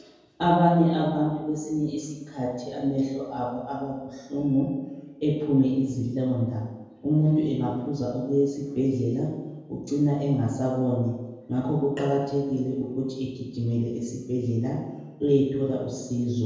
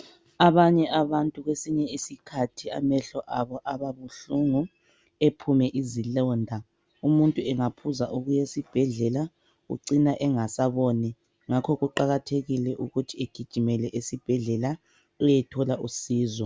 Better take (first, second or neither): second